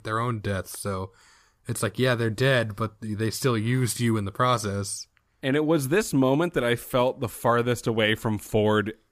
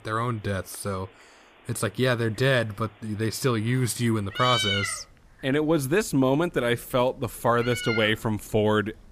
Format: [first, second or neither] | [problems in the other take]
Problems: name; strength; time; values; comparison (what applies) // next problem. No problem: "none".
first | animal sounds; loud; throughout; 3 dB below the speech